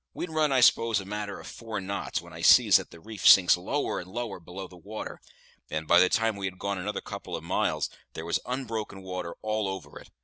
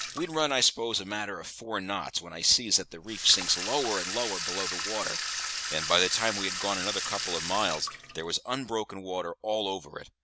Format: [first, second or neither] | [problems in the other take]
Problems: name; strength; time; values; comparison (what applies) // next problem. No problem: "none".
first | background sound (Sink (filling or washing) / Water tap, faucet); 6 dB below the speech